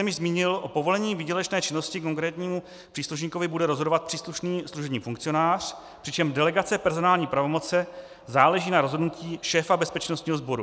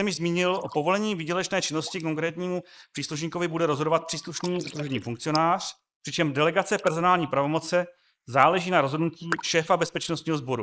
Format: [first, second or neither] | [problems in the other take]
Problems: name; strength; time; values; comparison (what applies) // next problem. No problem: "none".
first | noise reduction (neural mask model Resemble Enhance denoiser)